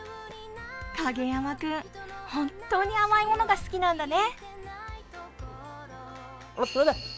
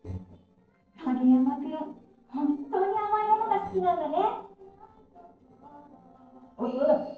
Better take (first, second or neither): first